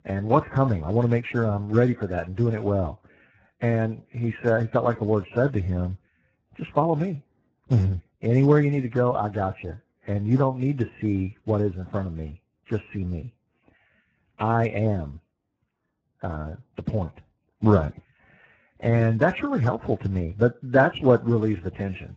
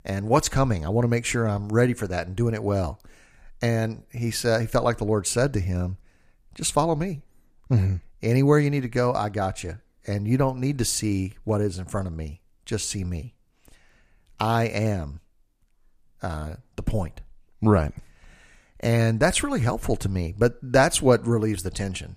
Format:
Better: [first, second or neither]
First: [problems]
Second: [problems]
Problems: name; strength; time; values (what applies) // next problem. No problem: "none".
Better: second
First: garbled, watery; badly; nothing above 7.5 kHz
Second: none